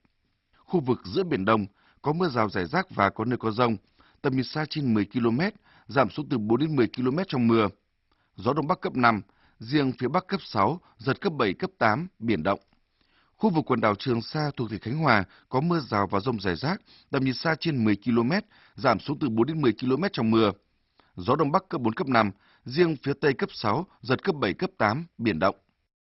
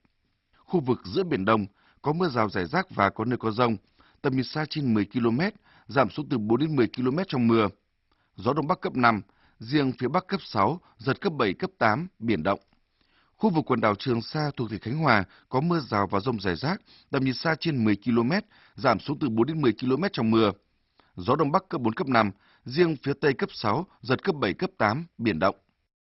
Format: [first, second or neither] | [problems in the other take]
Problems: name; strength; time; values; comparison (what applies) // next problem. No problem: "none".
neither | garbled, watery; badly; nothing above 5.5 kHz; the same in both